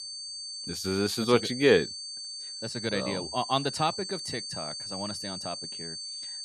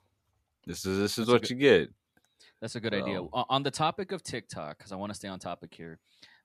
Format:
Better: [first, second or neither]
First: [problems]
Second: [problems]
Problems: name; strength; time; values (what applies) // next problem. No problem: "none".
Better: second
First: high-pitched whine; loud; throughout; 4.5 kHz, 7 dB below the speech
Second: none